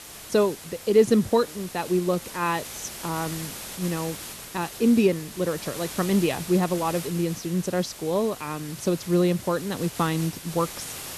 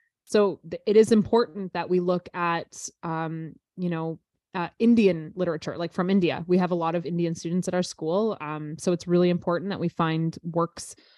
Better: second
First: hiss; noticeable; throughout; 10 dB below the speech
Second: none

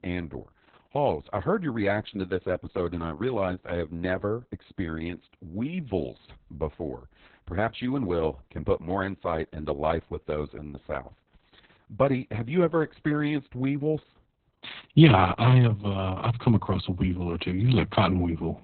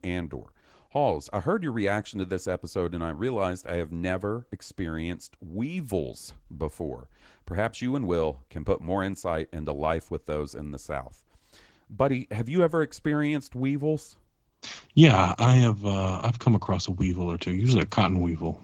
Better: second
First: garbled, watery; badly; nothing above 4 kHz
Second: garbled, watery; slightly; nothing above 17.5 kHz

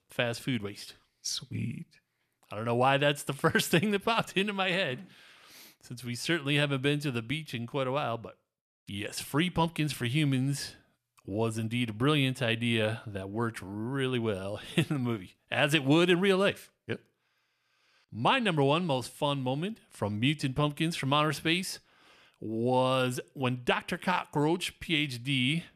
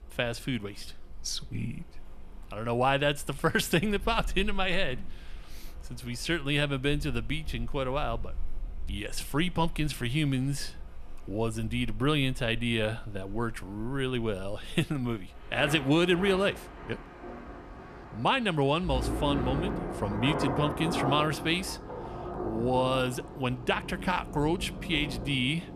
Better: first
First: none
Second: rain or running water; loud; throughout; 9 dB below the speech

